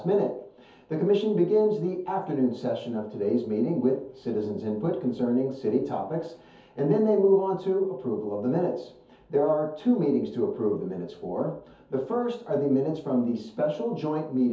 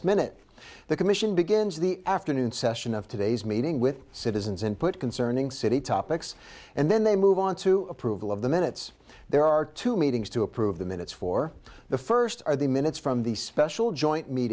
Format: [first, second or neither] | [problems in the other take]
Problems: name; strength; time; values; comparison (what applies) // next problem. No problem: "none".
second | room echo; dies away in 0.5 s